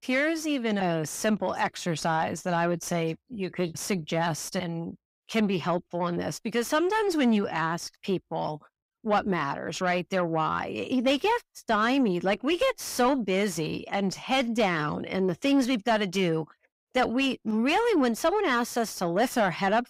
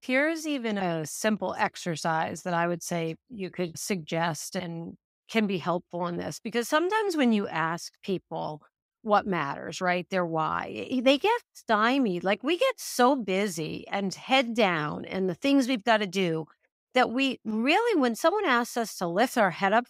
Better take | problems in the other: second | distortion; slight; 10 dB below the speech

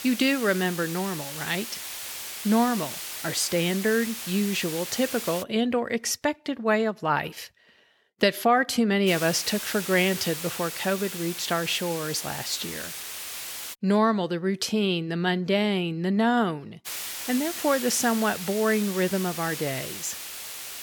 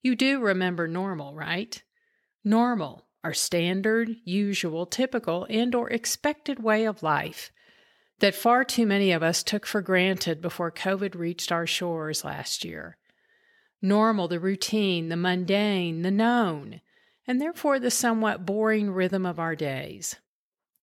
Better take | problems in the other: second | hiss; loud; until 5.5 s, from 9 to 14 s and from 17 s on; 8 dB below the speech

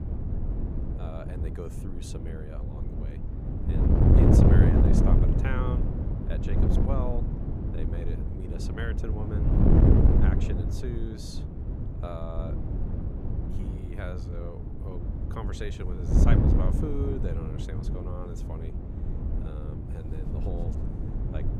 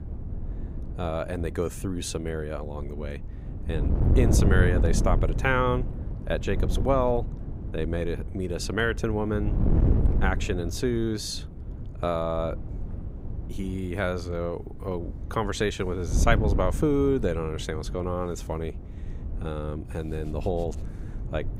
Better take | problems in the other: second | wind noise on the microphone; heavy; 4 dB above the speech; occasional gusts in the second

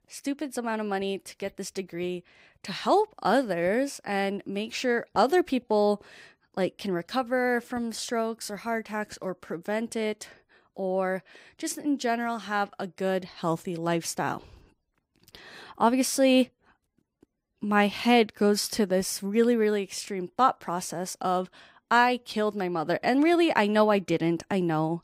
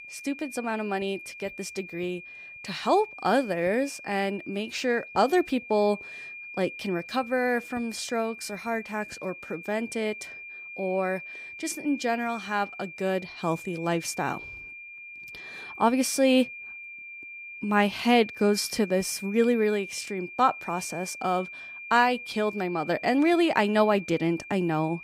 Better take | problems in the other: first | high-pitched whine; noticeable; throughout; 2.5 kHz, 15 dB below the speech

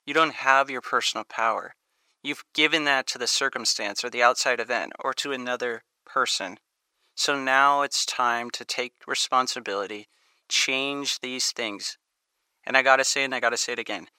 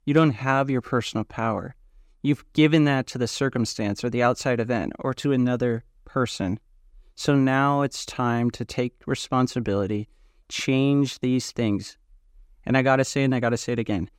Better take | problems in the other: second | thin; very; fading below 850 Hz

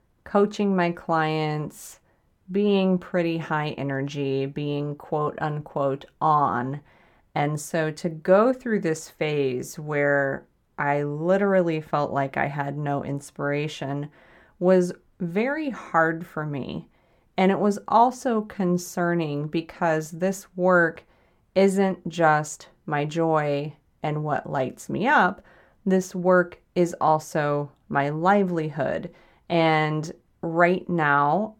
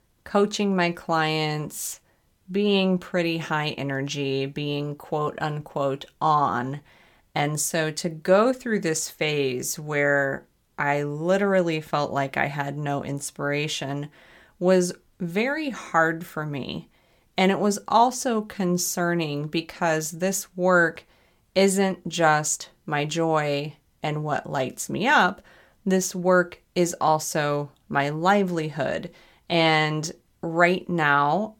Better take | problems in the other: second | muffled; slightly; fading above 2.5 kHz

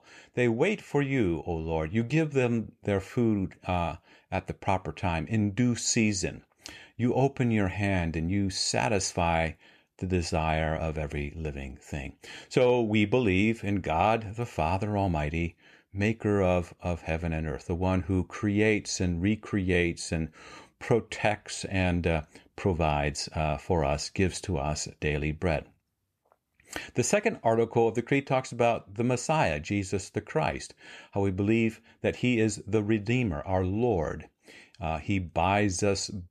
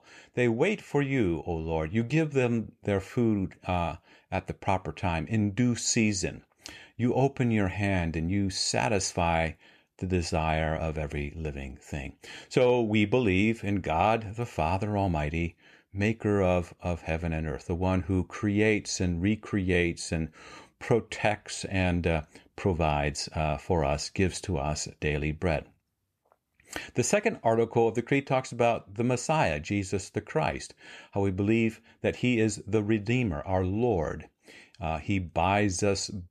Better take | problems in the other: neither | none

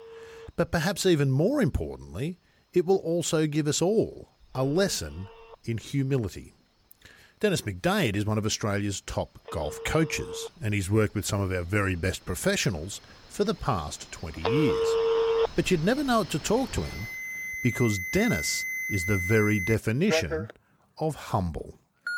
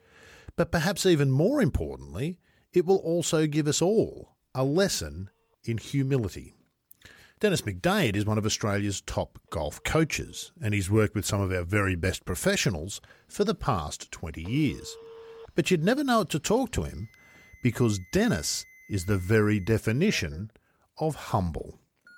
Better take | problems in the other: second | alarms or sirens; loud; throughout; 3 dB below the speech; faint in the second

